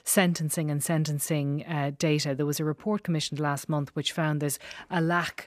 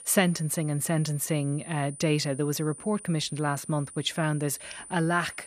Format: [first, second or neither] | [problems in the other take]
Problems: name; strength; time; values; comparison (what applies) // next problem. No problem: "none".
first | high-pitched whine; noticeable; throughout; 9.5 kHz, 15 dB below the speech